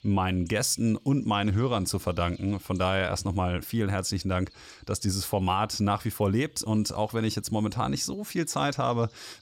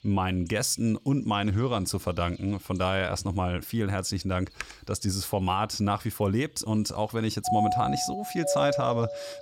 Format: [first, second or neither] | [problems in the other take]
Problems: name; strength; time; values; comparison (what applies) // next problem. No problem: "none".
first | keyboard typing; faint; at 4.5 s; peak 15 dB below the speech // doorbell; loud; from 7.5 s on; peak 2 dB above the speech